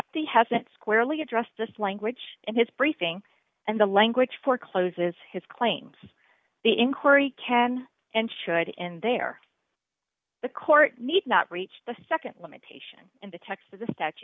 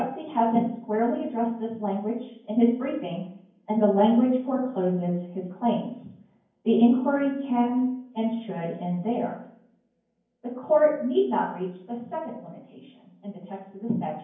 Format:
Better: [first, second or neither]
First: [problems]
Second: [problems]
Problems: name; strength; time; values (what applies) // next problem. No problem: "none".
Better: first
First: none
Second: room echo; dies away in 0.9 s